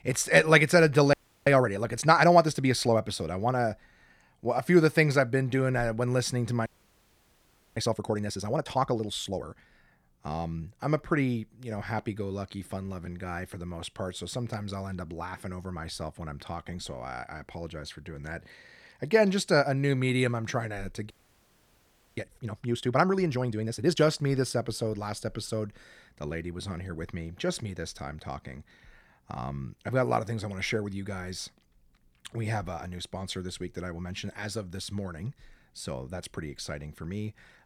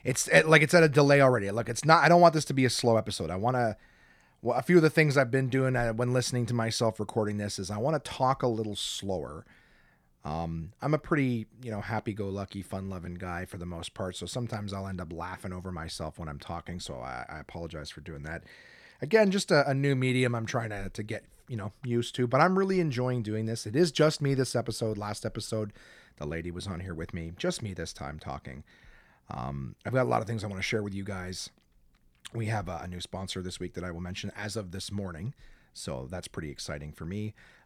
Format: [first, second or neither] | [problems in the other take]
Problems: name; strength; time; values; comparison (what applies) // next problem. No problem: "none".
second | audio freezing; at 1 s, at 6.5 s for 1 s and at 21 s for 1 s